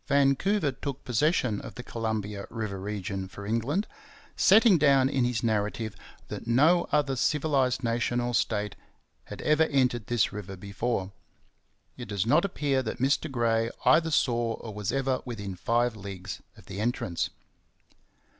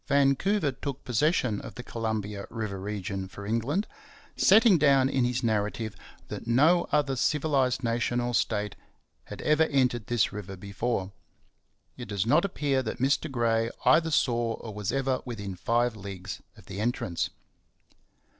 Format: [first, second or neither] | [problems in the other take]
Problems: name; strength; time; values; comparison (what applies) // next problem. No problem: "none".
first | noise reduction (neural separator model SepFormer DNS4)